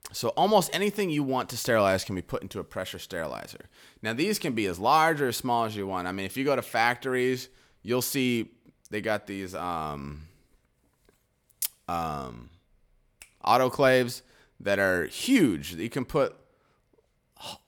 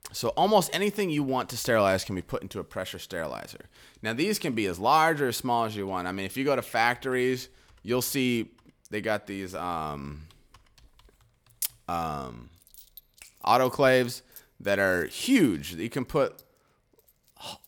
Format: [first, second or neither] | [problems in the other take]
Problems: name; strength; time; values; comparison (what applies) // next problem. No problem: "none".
first | household noises; faint; throughout; 30 dB below the speech